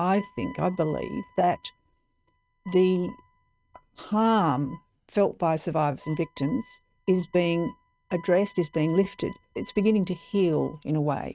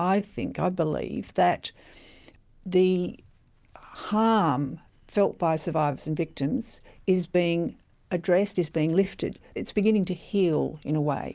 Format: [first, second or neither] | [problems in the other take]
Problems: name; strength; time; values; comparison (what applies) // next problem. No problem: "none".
second | noise reduction (neural mask model RNNoise)